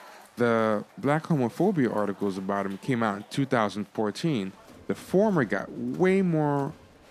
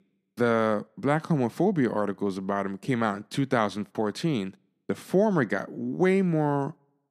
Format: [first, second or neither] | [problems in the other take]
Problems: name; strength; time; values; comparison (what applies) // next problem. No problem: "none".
second | crowd noise; faint; throughout; 25 dB below the speech